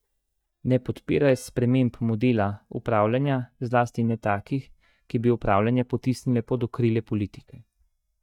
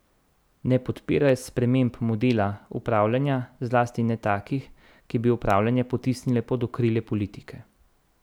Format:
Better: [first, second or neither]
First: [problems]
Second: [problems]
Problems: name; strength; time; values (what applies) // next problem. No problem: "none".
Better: second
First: noise reduction (neural mask model DeepFilterNet 3)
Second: none